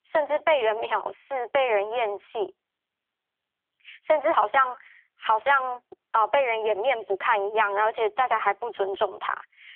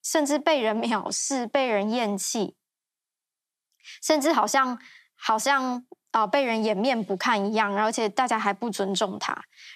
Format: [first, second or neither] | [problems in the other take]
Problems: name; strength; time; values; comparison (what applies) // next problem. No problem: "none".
second | phone-call audio; poor line; nothing above 3.5 kHz